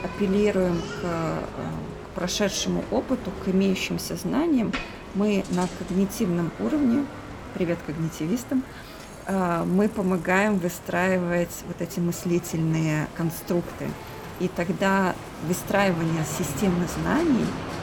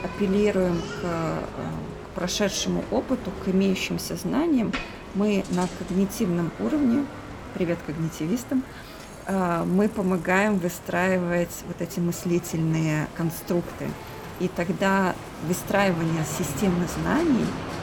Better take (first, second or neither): neither